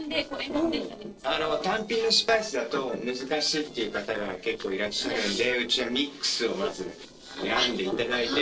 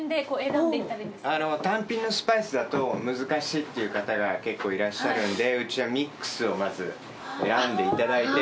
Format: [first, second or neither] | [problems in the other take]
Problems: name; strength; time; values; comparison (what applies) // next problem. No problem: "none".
second | noise reduction (neural separator model SepFormer DNS4)